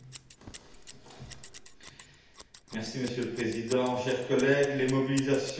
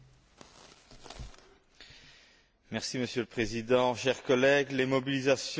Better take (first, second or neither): second